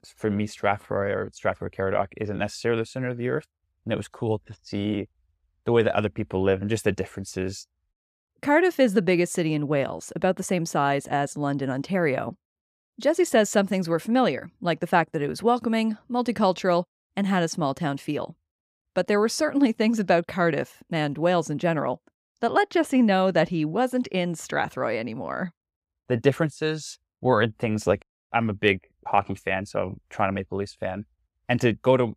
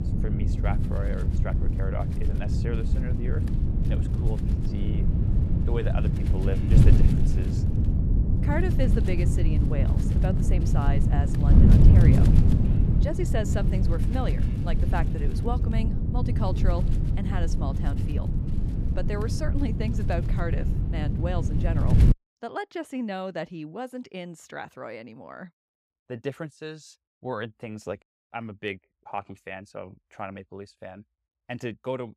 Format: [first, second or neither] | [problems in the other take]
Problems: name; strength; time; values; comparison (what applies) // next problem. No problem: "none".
first | wind noise on the microphone; heavy; until 22 s; as loud as the speech